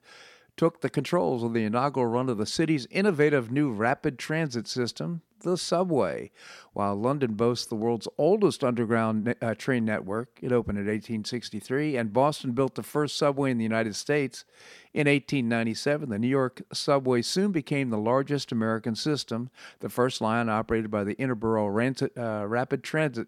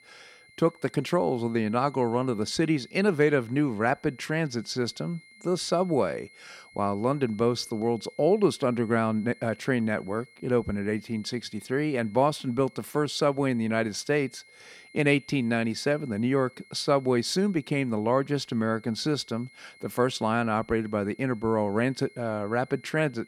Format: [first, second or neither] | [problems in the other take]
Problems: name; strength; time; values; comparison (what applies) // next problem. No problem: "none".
first | high-pitched whine; faint; throughout; 2 kHz, 25 dB below the speech